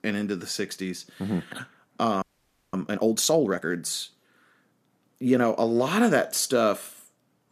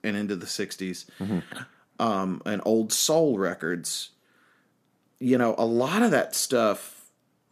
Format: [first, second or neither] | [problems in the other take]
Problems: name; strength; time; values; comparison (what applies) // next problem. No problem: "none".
second | audio freezing; at 2 s for 0.5 s